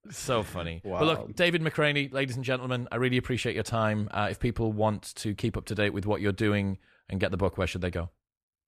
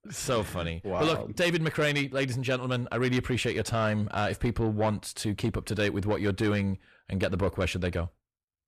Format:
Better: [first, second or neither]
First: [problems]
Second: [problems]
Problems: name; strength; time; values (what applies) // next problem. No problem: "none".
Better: first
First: none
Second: distortion; slight; 10 dB below the speech